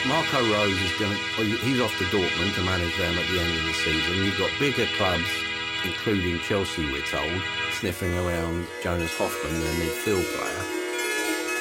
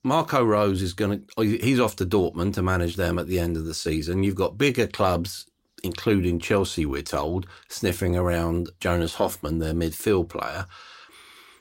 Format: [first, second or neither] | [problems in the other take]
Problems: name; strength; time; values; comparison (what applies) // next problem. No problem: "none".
second | background music; very loud; throughout; 2 dB above the speech